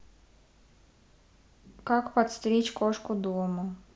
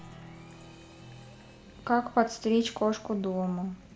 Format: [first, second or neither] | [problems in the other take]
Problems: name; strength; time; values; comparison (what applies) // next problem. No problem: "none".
first | background sound (Applause); 20 dB below the speech